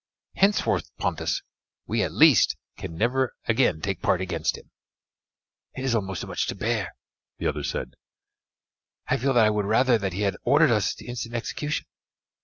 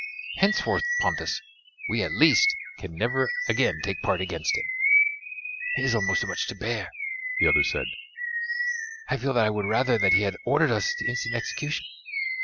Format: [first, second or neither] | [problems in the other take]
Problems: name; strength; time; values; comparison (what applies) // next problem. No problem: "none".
first | background sound (Bird vocalization, bird call, bird song); 1 dB below the speech